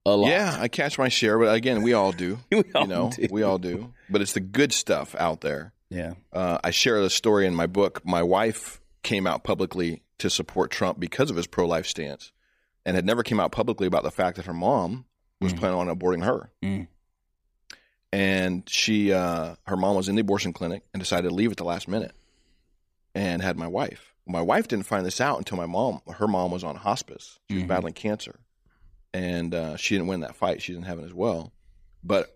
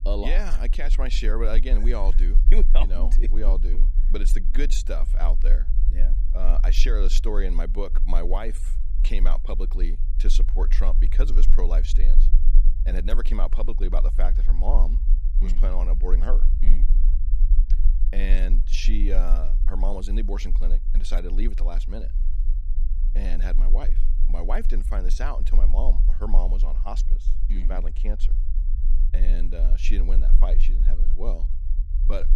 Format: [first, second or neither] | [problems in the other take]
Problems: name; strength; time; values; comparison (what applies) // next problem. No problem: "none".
first | low rumble; noticeable; throughout; 15 dB below the speech